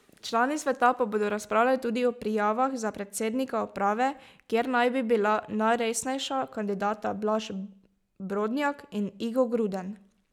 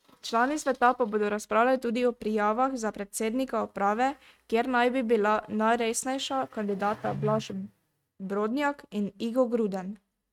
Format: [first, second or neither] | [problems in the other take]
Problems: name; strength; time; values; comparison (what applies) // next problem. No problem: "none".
first | noise reduction (neural mask model RNNoise)